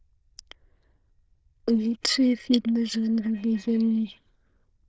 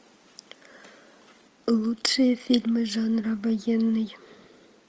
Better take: second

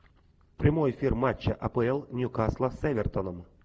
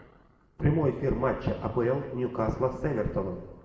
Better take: first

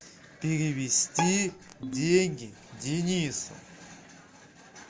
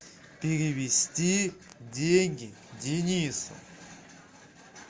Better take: second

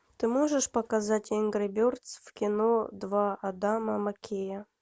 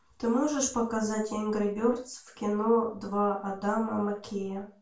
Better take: first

